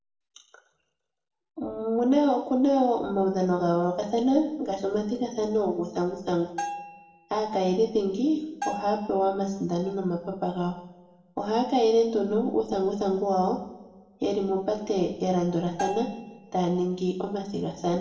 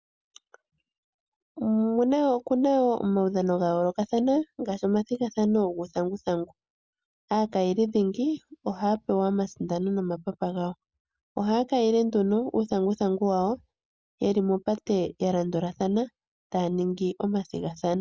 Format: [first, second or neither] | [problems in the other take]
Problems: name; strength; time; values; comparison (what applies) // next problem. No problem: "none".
second | background sound (Bell); 13 dB below the speech // room echo; dies away in 0.8 s